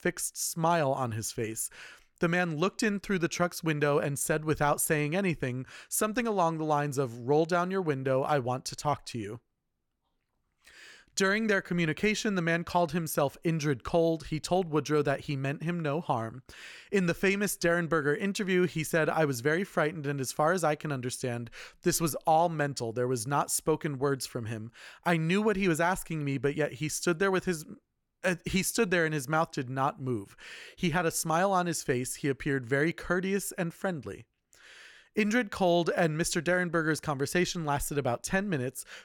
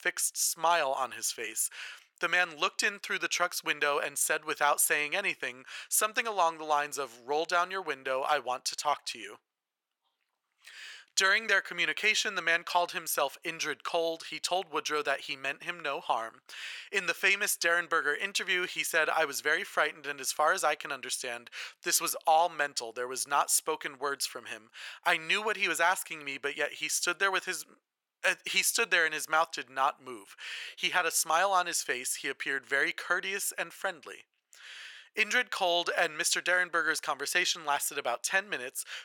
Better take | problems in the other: first | thin; very; fading below 800 Hz

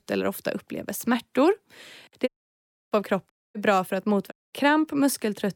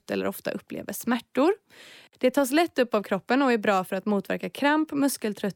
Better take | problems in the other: second | audio cutting out; at 2.5 s for 0.5 s, at 3.5 s and at 4.5 s

